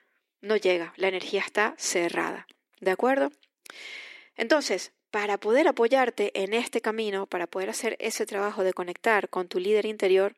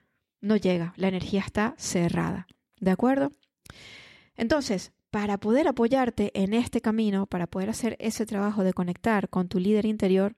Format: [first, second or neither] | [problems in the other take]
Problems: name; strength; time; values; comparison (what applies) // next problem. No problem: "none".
second | thin; somewhat; fading below 350 Hz